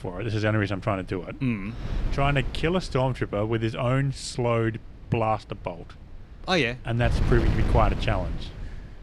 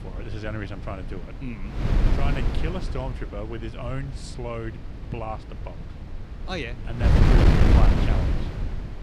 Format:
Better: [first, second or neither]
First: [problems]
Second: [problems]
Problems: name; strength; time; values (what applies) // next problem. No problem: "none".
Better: first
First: wind noise on the microphone; occasional gusts; 10 dB below the speech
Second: wind noise on the microphone; heavy; 5 dB above the speech